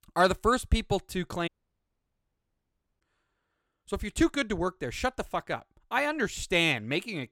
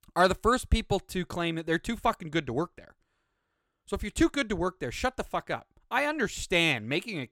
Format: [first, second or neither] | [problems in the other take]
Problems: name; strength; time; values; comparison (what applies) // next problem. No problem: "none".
second | audio cutting out; at 1.5 s for 1.5 s